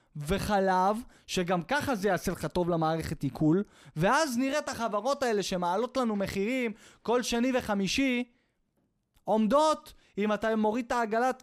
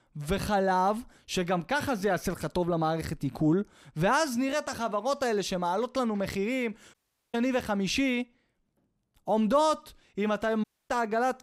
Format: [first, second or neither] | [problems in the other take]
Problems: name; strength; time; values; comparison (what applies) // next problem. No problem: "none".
first | audio cutting out; at 7 s and at 11 s